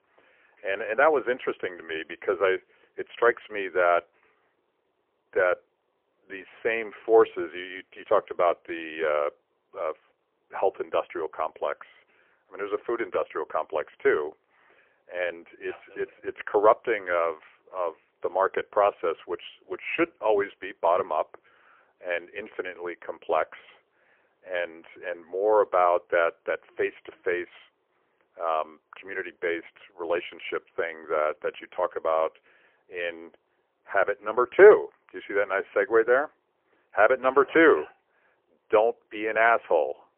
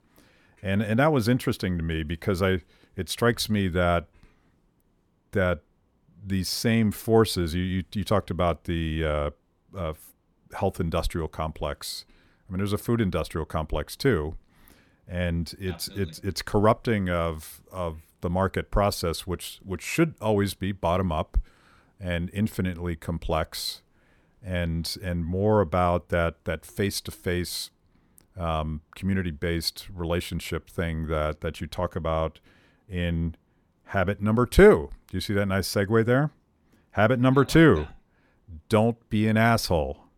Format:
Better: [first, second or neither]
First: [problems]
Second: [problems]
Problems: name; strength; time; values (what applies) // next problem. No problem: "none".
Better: second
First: phone-call audio; poor line; nothing above 3 kHz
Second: none